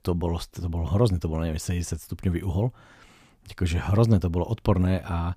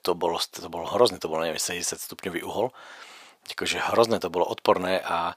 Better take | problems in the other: first | thin; very; fading below 600 Hz

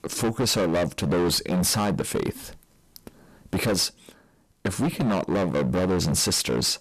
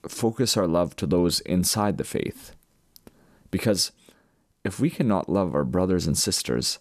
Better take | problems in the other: second | distortion; heavy; 20% of the sound clipped

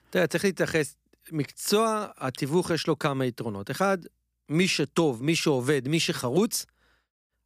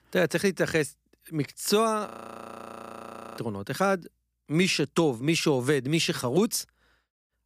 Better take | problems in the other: first | audio freezing; at 2 s for 1.5 s

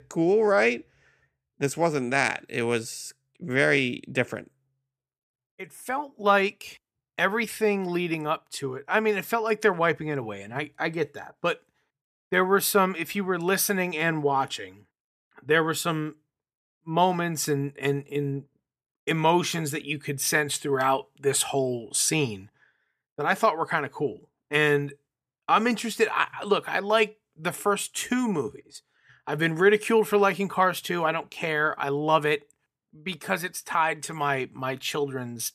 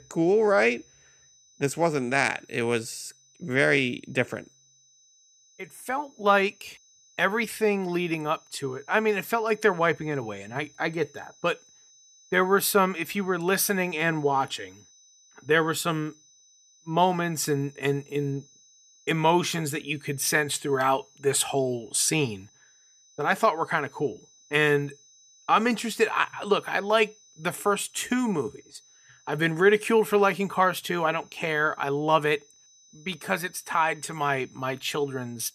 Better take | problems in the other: first | high-pitched whine; faint; throughout; 6 kHz, 30 dB below the speech

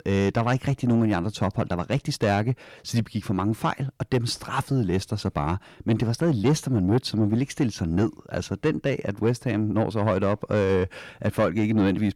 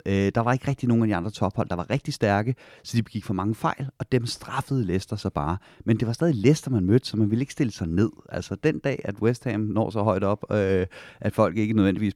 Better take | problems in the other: second | distortion; slight; 10 dB below the speech

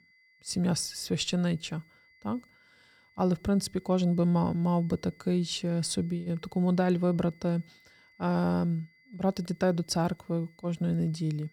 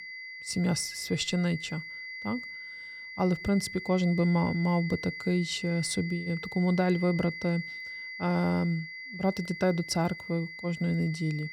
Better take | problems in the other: first | high-pitched whine; loud; throughout; 2 kHz, 10 dB below the speech; faint in the first

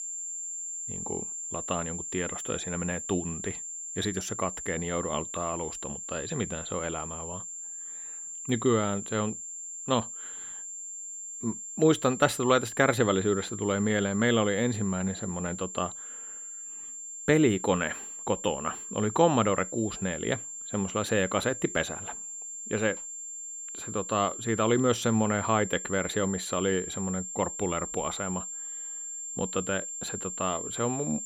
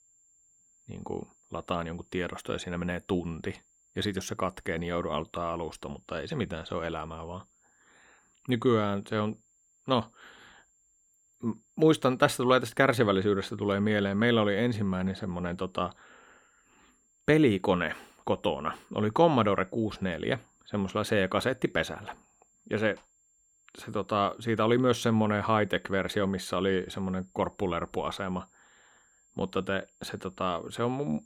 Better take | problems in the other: second | high-pitched whine; loud; throughout; 7.5 kHz, 7 dB below the speech; faint in the second

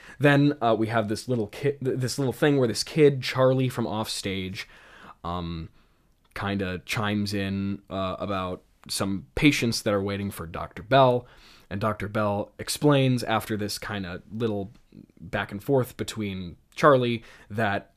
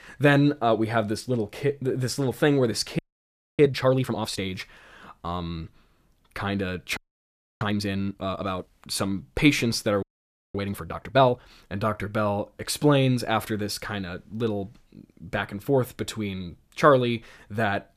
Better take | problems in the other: first | audio freezing; at 3 s for 0.5 s, at 7 s for 0.5 s and at 10 s for 0.5 s

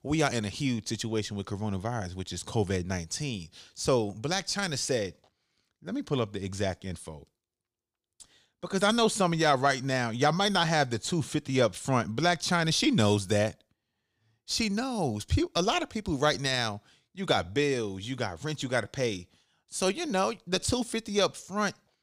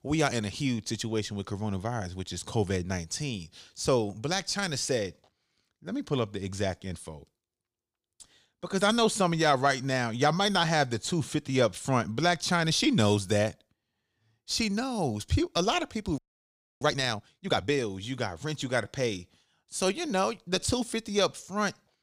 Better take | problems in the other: first | audio freezing; at 16 s for 0.5 s

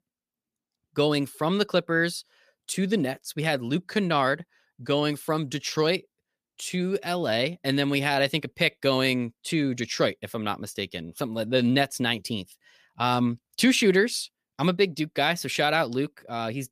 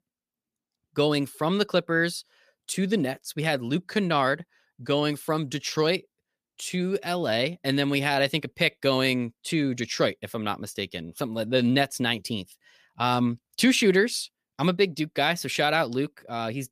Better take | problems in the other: neither | none

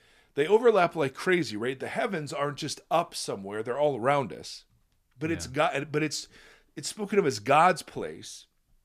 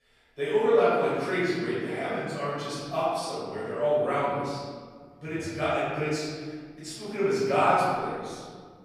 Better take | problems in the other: first | off-mic speech; far // room echo; strong; dies away in 1.7 s

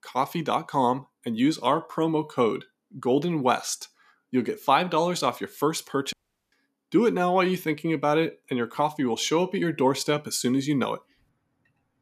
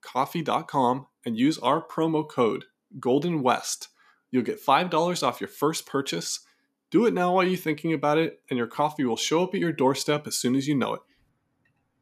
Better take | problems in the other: second | audio cutting out; at 6 s

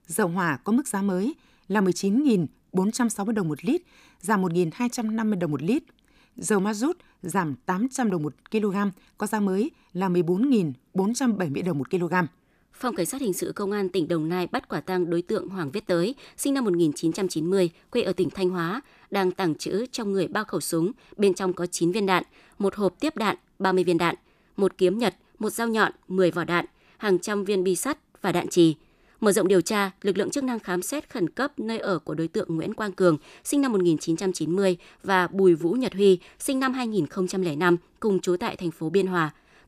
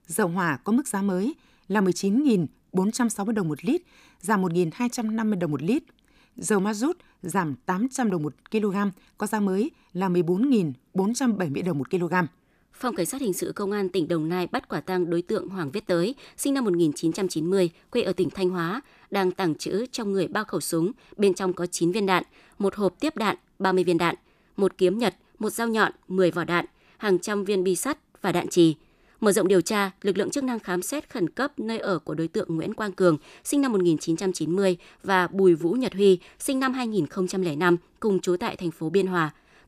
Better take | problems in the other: neither | none

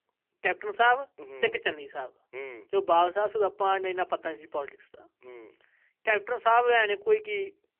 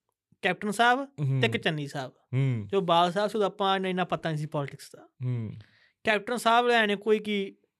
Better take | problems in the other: second | phone-call audio; poor line; nothing above 3 kHz

